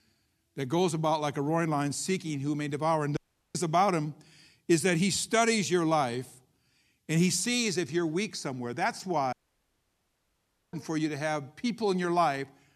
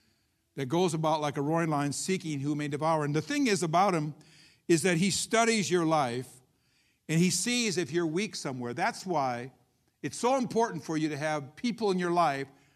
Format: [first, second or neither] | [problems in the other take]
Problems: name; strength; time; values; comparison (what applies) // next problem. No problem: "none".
second | audio cutting out; at 3 s and at 9.5 s for 1.5 s